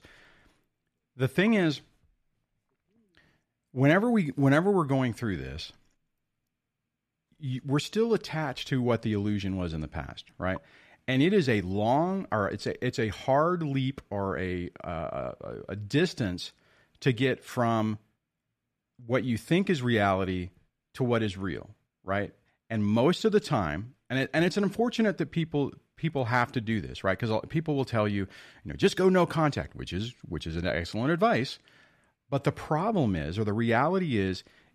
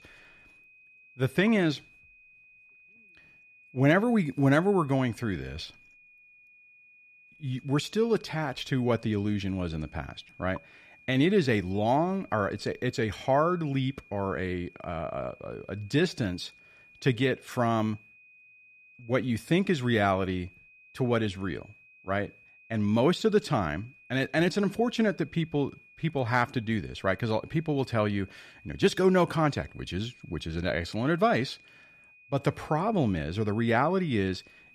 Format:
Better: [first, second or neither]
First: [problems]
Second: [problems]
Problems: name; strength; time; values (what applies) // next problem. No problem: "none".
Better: first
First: none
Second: high-pitched whine; faint; throughout; 2.5 kHz, 25 dB below the speech